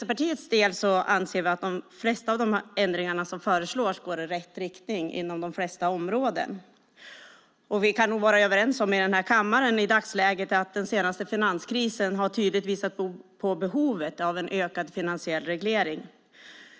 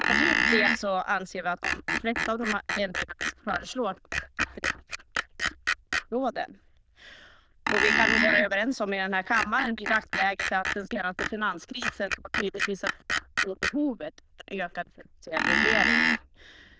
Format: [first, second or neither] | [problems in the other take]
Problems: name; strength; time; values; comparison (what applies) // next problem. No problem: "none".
first | noise reduction (neural diffusion model UNIVERSE++)